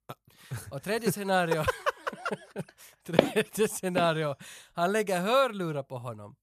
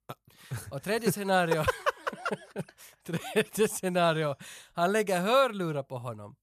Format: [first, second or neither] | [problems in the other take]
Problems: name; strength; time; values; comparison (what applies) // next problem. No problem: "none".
second | footsteps; loud; at 3 s; peak 3 dB above the speech